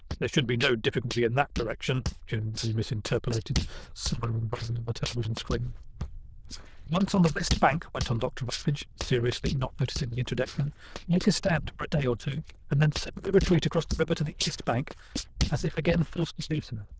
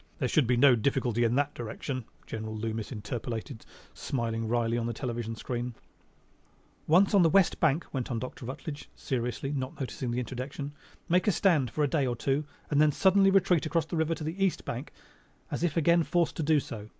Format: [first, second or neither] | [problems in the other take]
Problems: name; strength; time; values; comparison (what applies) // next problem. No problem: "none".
second | noise reduction (neural diffusion model UNIVERSE++)